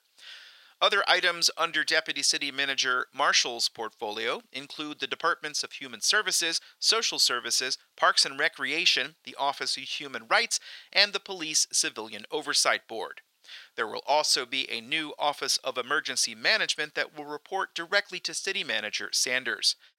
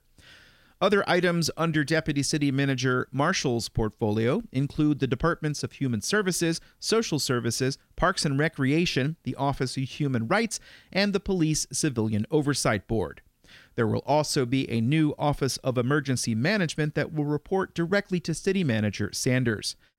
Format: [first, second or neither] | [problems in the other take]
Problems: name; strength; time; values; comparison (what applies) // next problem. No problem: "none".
second | thin; very; fading below 800 Hz